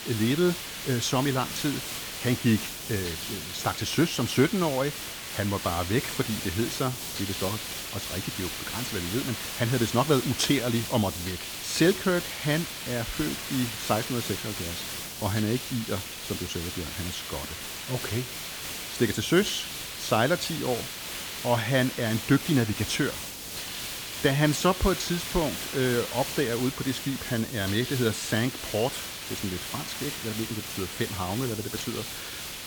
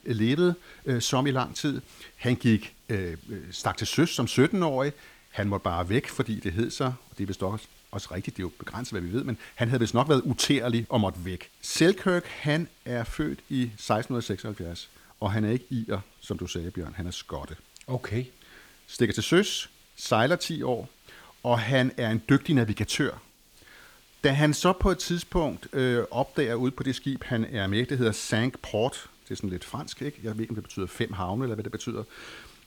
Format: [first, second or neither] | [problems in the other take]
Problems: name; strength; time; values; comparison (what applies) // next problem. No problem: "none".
second | hiss; loud; throughout; 5 dB below the speech; faint in the second